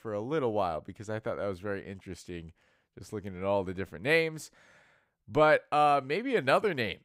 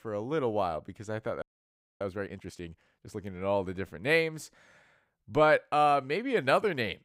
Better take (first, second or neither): first